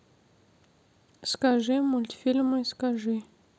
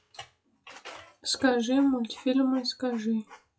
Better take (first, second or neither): first